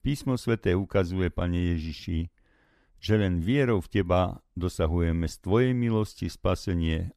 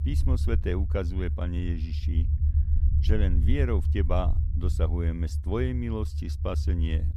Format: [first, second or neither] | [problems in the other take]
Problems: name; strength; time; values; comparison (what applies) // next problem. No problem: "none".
first | low rumble; loud; throughout; 9 dB below the speech